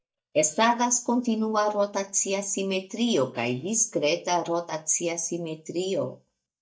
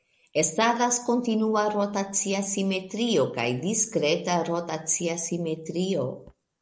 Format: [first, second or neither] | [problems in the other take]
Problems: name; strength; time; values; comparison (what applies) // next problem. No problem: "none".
second | noise reduction (neural mask model DeepFilterNet 3)